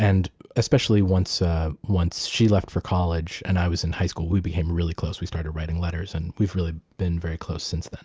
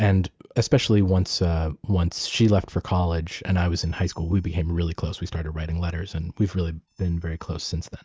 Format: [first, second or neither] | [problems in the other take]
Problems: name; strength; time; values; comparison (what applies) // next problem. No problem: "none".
first | noise reduction (neural mask model DeepFilterNet 3)